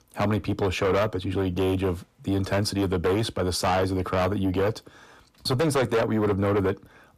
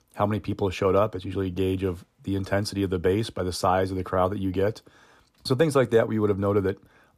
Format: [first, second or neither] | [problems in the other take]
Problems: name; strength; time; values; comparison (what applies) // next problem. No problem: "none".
second | distortion; heavy; 7 dB below the speech